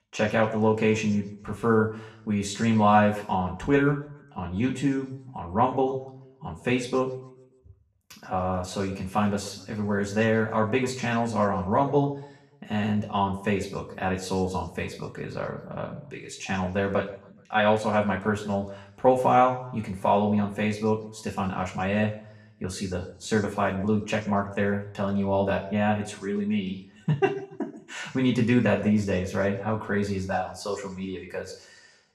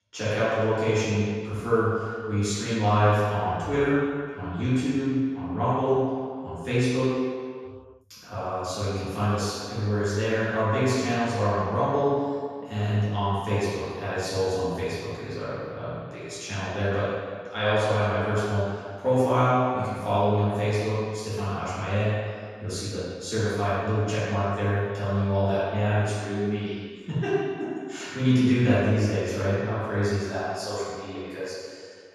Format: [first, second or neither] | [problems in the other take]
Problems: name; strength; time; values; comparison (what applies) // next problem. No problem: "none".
first | room echo; strong; dies away in 1.8 s; slight in the first // off-mic speech; far; far in the first